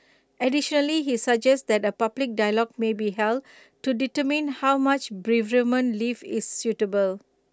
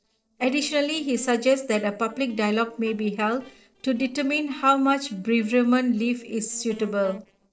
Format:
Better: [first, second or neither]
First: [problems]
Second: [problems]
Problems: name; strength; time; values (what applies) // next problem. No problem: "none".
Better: first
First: none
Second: noise reduction (neural separator model SepFormer DNS4)